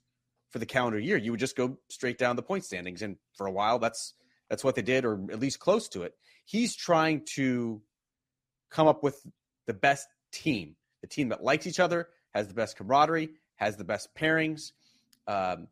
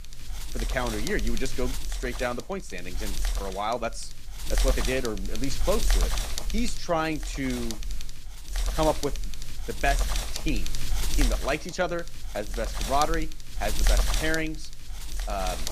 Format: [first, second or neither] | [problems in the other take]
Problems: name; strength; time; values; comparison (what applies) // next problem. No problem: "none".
first | wind noise on the microphone; heavy; 6 dB below the speech